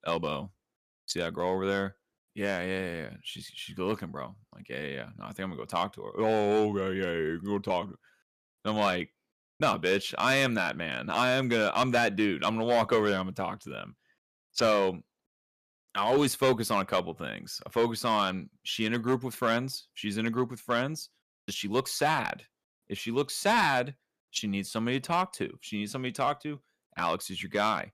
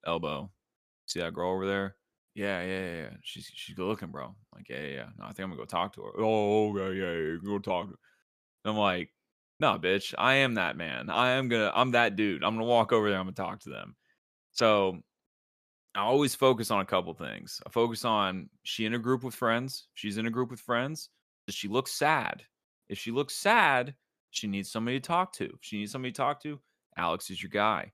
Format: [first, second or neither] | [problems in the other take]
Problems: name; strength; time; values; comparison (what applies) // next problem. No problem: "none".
second | distortion; slight; 2% of the sound clipped